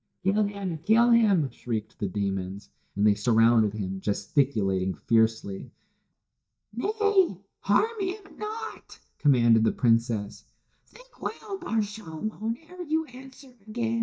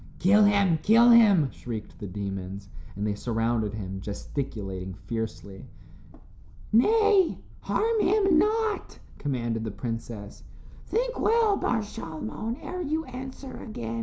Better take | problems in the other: second | noise reduction (neural mask model DeepFilterNet 3)

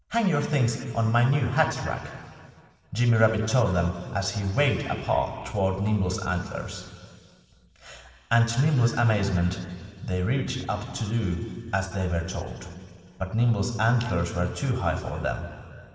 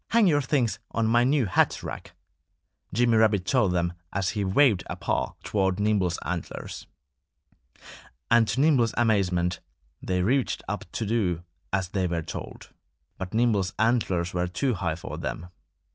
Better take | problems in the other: second | room echo; dies away in 2.3 s

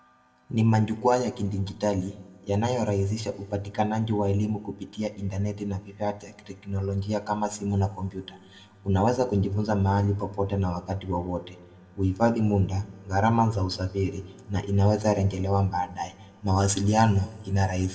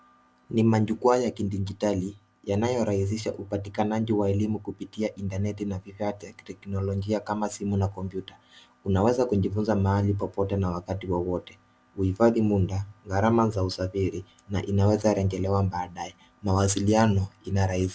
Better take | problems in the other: second | room echo; dies away in 1.3 s

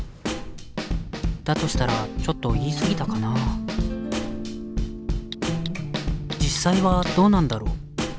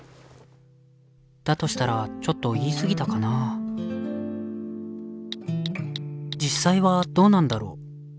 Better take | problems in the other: second | background sound (Snare drum / Drum kit); 3 dB below the speech

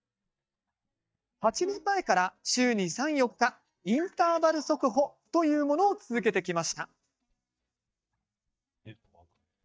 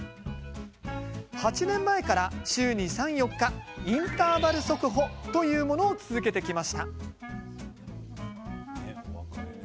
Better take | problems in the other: second | noise reduction (neural mask model DeepFilterNet 3)

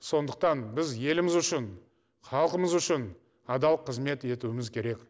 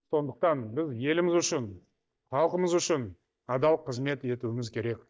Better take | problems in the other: first | noise reduction (neural mask model DeepFilterNet 3)

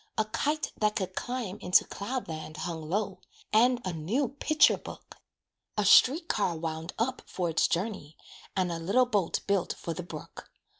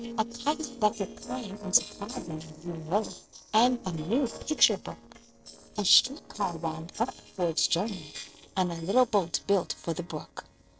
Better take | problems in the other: first | noise reduction (neural separator model SepFormer DNS4)

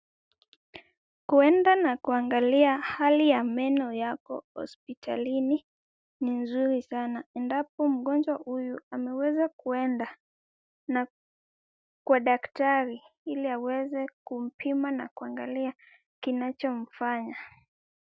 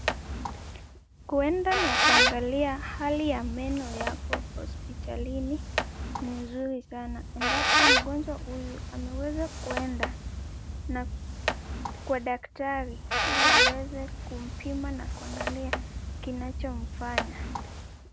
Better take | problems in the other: first | background sound (Squeak); 4 dB above the speech

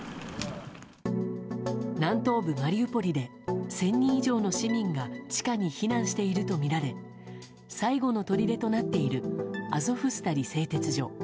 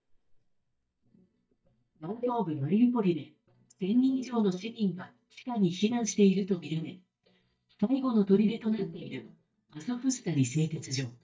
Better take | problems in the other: first | noise reduction (neural mask model DeepFilterNet 3)

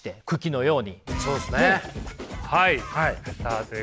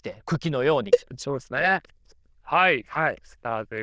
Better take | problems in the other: first | noise reduction (neural diffusion model UNIVERSE++)

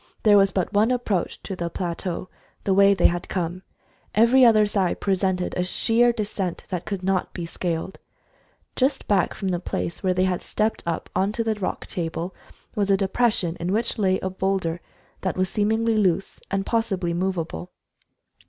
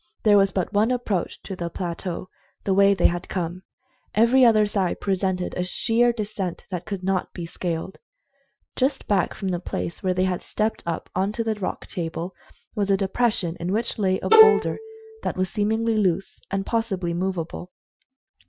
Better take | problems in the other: first | noise reduction (classical method Wiener filter)

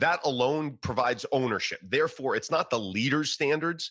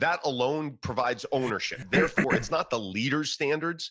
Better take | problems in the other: first | background sound (Cough); 3 dB below the speech

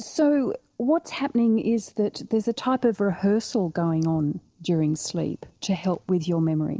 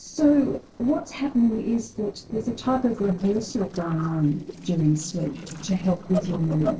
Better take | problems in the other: first | noise reduction (neural separator model SepFormer DNS4)

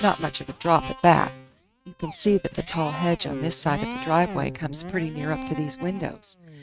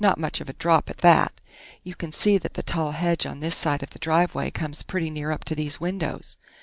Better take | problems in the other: second | noise reduction (neural mask model RNNoise)

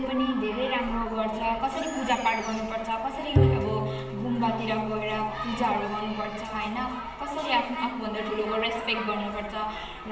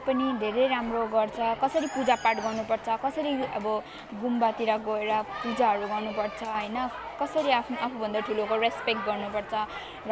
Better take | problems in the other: second | background sound (Bowed string instrument); 2 dB below the speech // room echo; dies away in 0.8 s

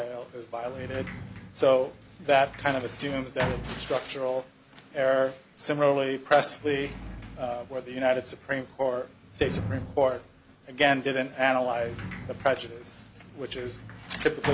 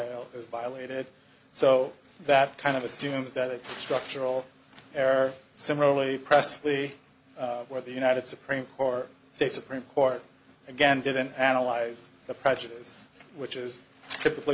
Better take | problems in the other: second | background sound (Sliding door); 12 dB below the speech

